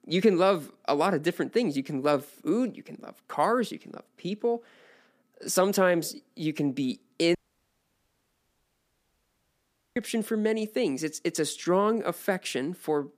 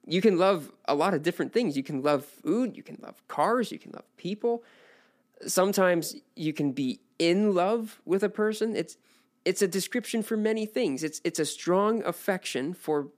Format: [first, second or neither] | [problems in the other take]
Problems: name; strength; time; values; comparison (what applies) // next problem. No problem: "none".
second | audio cutting out; at 7.5 s for 2.5 s